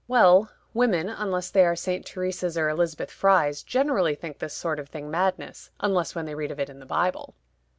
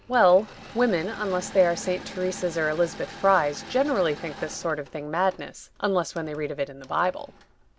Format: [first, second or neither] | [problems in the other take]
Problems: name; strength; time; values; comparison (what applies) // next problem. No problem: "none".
first | background sound (Engine / Mechanisms); 17 dB below the speech